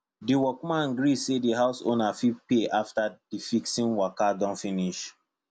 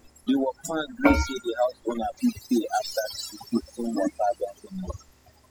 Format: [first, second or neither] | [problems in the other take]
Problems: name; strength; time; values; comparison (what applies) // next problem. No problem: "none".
first | noise reduction (classical method spectral subtraction)